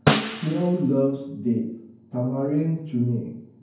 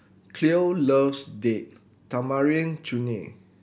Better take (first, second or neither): second